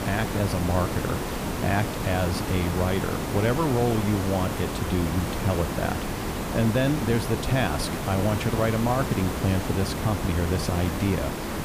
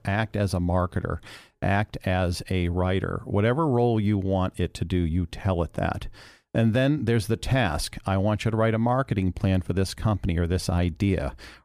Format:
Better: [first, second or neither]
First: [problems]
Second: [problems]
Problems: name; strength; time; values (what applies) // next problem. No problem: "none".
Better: second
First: hiss; loud; throughout; 3 dB below the speech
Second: none